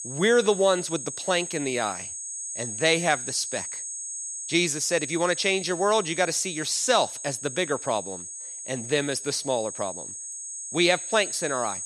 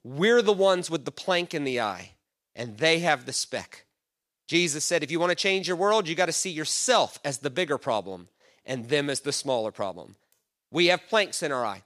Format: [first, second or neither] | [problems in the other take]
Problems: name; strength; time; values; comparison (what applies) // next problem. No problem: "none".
second | high-pitched whine; loud; throughout; 6.5 kHz, 8 dB below the speech